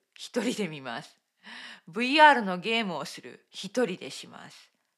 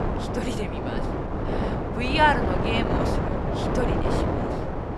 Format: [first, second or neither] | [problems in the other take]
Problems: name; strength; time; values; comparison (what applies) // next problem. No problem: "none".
first | wind noise on the microphone; heavy; 3 dB below the speech